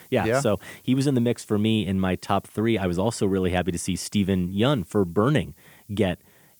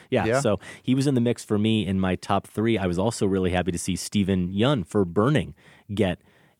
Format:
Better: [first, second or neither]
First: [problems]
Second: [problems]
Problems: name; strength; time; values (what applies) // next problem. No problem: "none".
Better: second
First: hiss; faint; throughout; 30 dB below the speech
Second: none